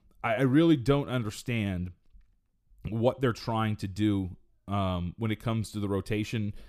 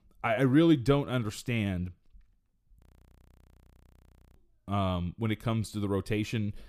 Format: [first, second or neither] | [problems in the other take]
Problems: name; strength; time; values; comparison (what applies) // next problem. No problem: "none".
first | audio freezing; at 3 s for 1.5 s